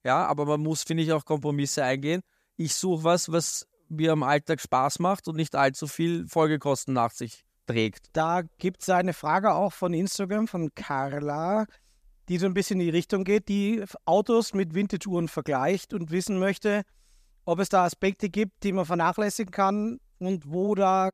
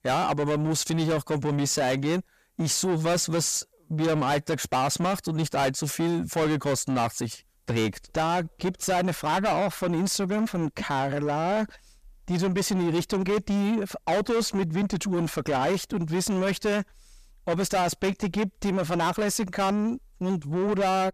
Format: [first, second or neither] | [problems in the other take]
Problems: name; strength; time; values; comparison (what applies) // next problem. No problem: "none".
first | distortion; heavy; 7 dB below the speech